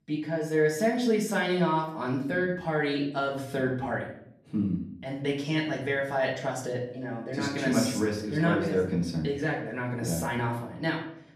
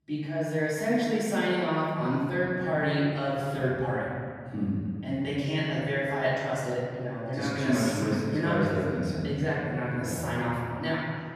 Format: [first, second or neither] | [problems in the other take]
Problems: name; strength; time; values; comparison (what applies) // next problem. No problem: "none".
first | room echo; strong; dies away in 2.1 s; slight in the first // off-mic speech; far; far in the first